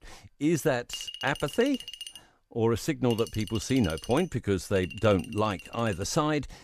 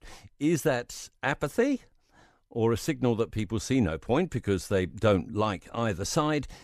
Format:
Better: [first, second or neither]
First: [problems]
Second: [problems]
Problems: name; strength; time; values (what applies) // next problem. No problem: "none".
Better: second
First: household noises; noticeable; throughout; 15 dB below the speech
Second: none